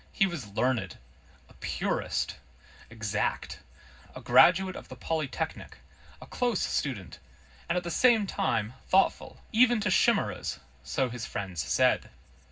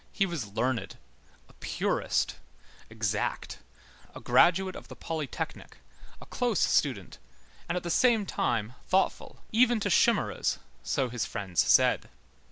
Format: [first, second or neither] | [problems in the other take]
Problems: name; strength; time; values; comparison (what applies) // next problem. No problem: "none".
second | room echo; dies away in 0.4 s